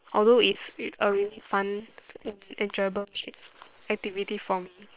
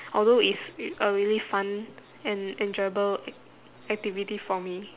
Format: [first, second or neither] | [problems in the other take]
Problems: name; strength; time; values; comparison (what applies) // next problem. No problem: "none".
second | noise reduction (neural separator model SepFormer WHAM!)